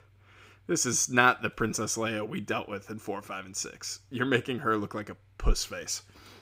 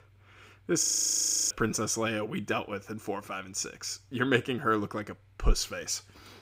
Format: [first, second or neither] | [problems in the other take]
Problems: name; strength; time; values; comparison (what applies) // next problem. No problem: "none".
first | audio freezing; at 1 s for 0.5 s